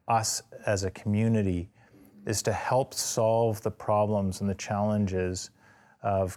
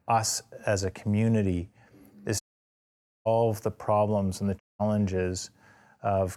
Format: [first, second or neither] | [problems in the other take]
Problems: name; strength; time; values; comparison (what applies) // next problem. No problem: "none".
first | audio cutting out; at 2.5 s for 1 s and at 4.5 s